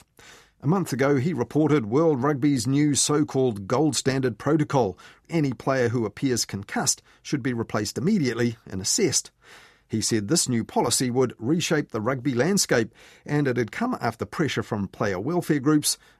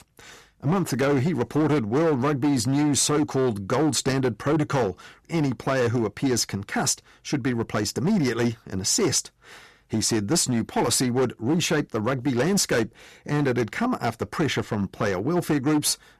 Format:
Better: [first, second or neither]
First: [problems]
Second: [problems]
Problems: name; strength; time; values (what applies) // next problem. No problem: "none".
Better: first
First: none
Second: distortion; slight; 12% of the sound clipped